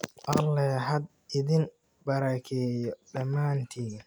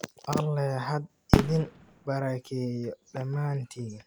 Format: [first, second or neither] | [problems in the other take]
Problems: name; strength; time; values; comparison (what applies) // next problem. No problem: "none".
first | background sound (Fireworks); as loud as the speech